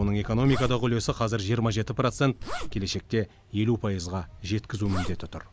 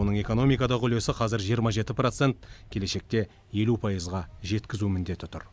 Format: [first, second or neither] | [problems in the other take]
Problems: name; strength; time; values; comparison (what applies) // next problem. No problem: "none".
second | background sound (Zipper (clothing)); 7 dB below the speech